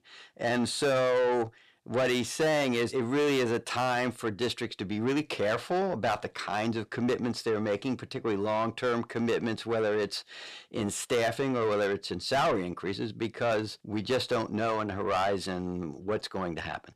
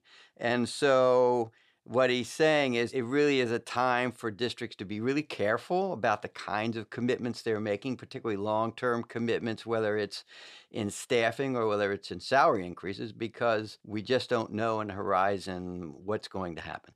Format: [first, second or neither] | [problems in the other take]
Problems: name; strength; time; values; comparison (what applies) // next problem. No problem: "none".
second | distortion; heavy; 8 dB below the speech